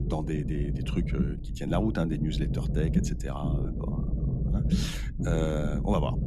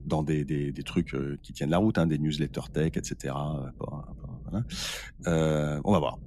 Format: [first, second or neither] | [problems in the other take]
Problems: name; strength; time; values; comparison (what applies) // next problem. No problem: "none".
second | low rumble; loud; throughout; 5 dB below the speech; faint in the second